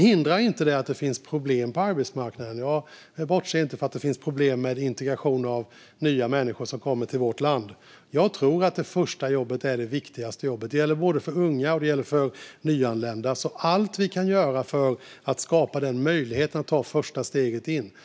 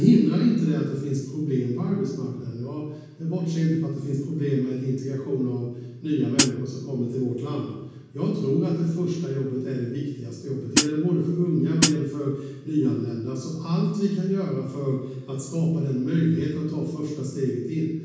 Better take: first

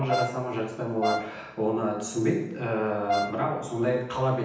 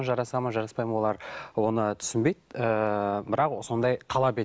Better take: second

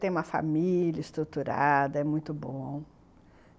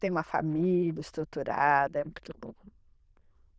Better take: first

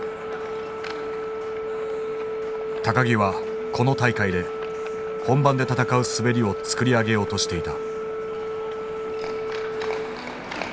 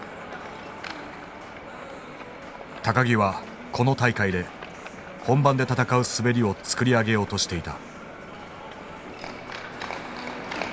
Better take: second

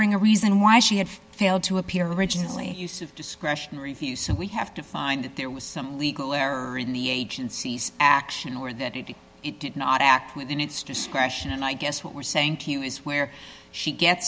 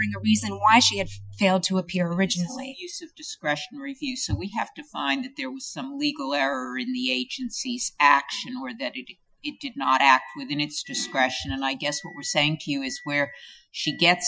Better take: first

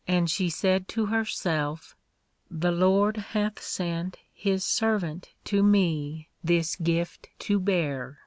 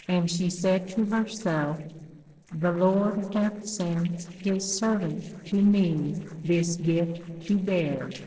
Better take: first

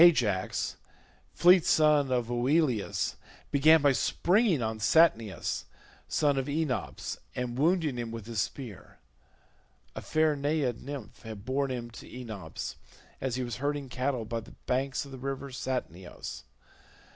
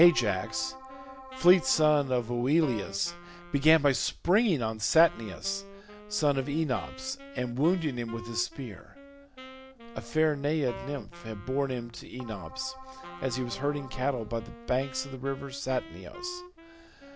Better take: first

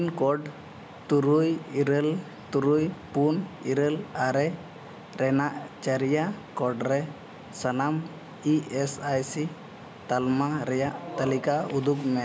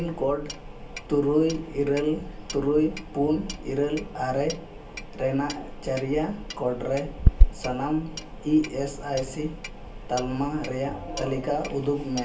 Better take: first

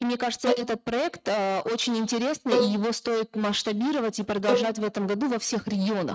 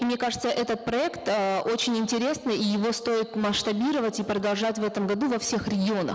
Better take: second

